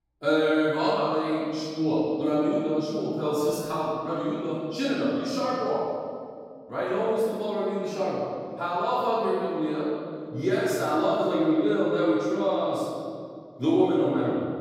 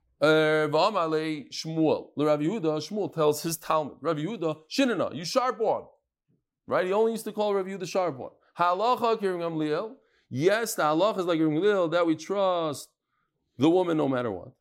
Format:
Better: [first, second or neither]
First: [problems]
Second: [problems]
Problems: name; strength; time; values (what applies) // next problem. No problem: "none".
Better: second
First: room echo; strong; dies away in 2.1 s // off-mic speech; far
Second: none